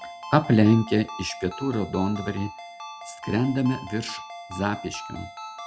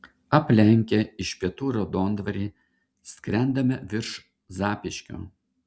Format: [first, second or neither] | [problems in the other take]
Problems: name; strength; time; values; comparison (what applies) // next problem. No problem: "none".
second | background sound (Ringtone); 13 dB below the speech